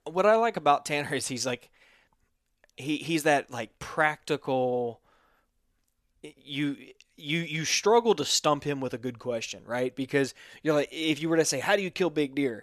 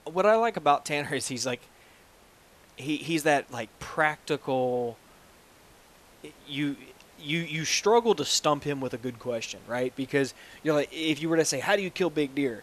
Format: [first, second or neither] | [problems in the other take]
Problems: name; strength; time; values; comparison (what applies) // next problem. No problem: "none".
first | hiss; faint; throughout; 25 dB below the speech